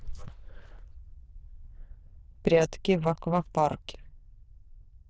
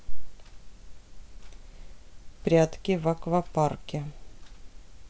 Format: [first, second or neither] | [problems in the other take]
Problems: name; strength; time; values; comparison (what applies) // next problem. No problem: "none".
second | noise reduction (neural diffusion model UNIVERSE++)